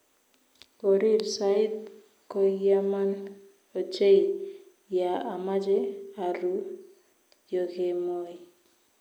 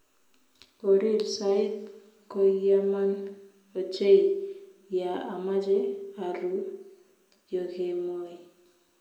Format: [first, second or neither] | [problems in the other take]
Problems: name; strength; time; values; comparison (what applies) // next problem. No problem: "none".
first | room echo; dies away in 0.7 s